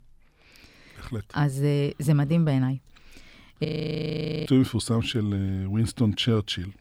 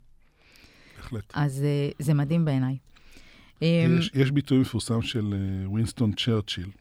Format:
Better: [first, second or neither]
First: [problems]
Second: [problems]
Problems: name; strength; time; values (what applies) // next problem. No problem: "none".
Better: second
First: audio freezing; at 3.5 s for 1 s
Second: none